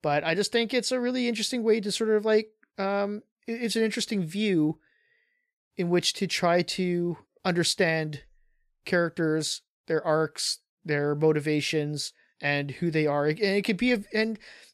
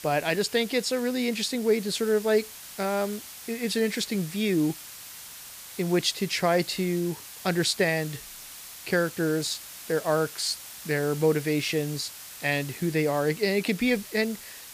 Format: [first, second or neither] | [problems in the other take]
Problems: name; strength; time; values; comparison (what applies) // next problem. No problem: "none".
first | hiss; noticeable; throughout; 15 dB below the speech